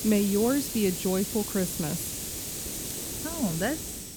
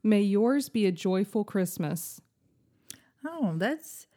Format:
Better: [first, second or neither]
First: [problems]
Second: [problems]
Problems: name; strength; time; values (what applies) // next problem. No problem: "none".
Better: second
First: hiss; loud; throughout; 4 dB below the speech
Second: none